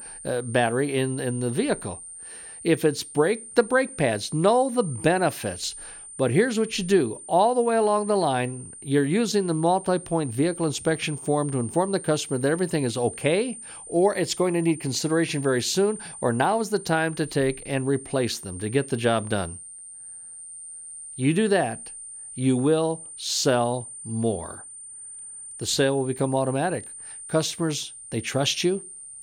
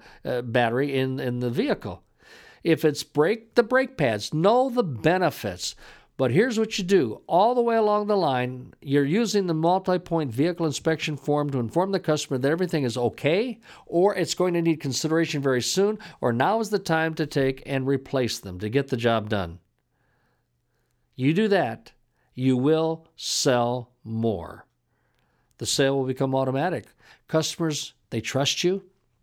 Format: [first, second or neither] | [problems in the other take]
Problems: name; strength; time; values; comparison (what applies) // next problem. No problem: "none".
second | high-pitched whine; noticeable; throughout; 9 kHz, 15 dB below the speech